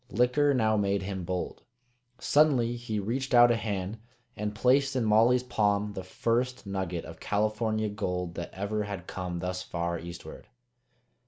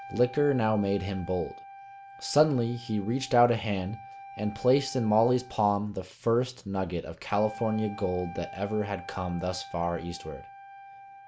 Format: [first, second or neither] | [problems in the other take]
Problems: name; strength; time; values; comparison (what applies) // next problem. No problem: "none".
first | background sound (Wind instrument, woodwind instrument); 17 dB below the speech